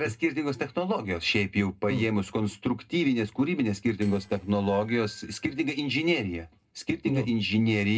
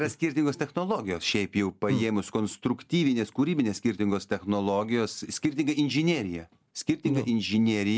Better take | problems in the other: second | noise reduction (neural separator model SepFormer DNS4)

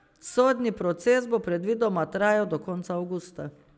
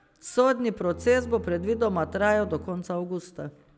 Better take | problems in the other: first | background sound (Bowed string instrument); 15 dB below the speech

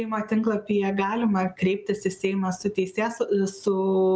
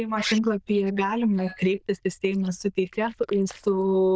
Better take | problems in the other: first | noise reduction (neural diffusion model UNIVERSE++)

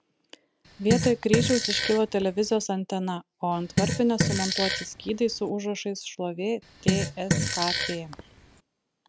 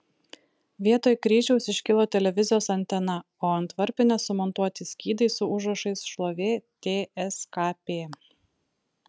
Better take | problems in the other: second | background sound (Fart); 1 dB below the speech

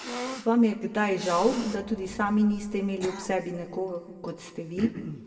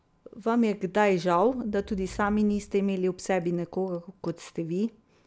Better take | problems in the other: second | background sound (Cough); 13 dB below the speech // room echo; dies away in 1.3 s

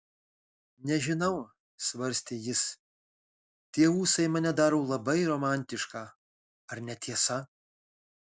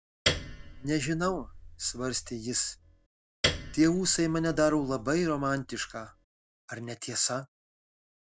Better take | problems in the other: first | background sound (Piano); 7 dB below the speech

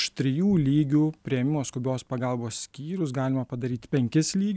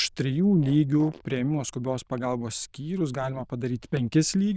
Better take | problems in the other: first | noise reduction (neural diffusion model UNIVERSE++)

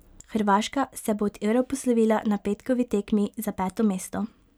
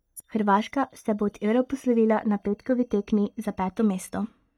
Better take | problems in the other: first | noise reduction (neural mask model DeepFilterNet 3)

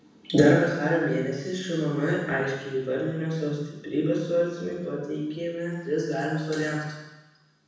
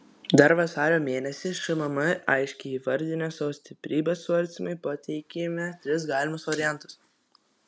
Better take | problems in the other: second | room echo; dies away in 1.1 s

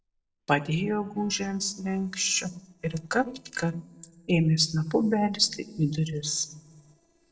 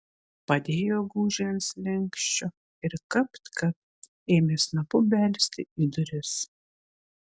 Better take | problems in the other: second | noise reduction (neural separator model SepFormer DNS4)

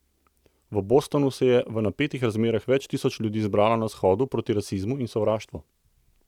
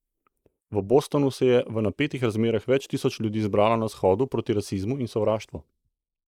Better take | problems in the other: first | noise reduction (neural mask model Resemble Enhance denoiser)

